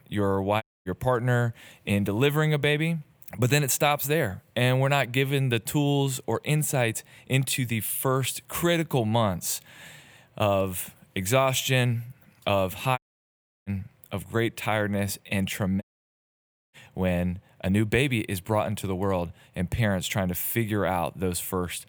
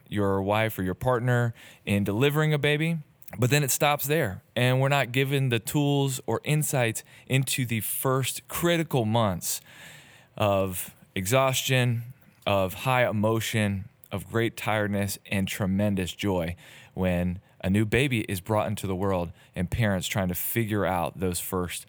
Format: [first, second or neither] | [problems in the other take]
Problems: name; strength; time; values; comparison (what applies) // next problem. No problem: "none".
second | audio cutting out; at 0.5 s, at 13 s for 0.5 s and at 16 s for 1 s